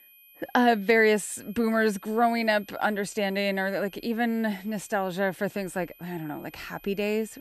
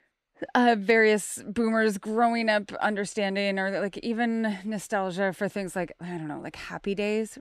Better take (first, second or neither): second